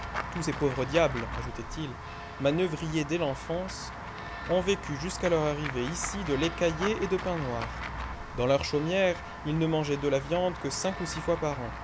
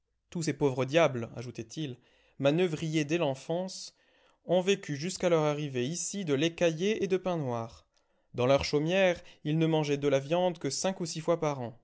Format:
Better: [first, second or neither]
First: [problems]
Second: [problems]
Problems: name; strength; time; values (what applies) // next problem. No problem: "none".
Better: second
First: background sound (Walk, footsteps / Run / Bell); 8 dB below the speech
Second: none